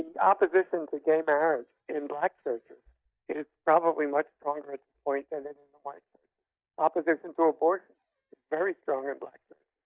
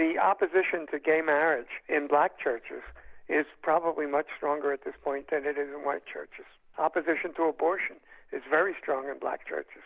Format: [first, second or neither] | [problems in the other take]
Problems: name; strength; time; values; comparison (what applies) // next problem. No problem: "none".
second | noise reduction (neural mask model DeepFilterNet 3)